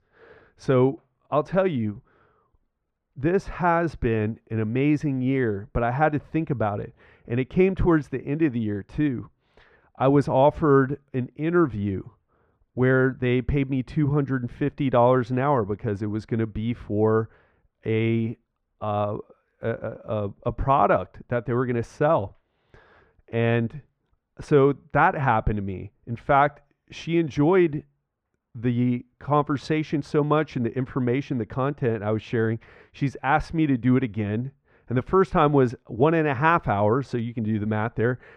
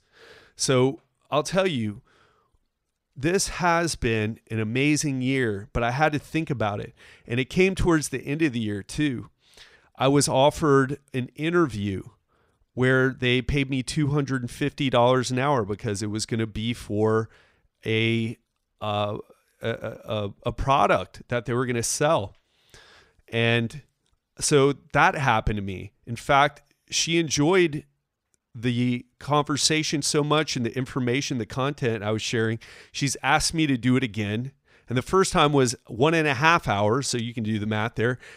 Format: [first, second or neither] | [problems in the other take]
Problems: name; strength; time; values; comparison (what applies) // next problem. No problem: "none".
second | muffled; very; fading above 3.5 kHz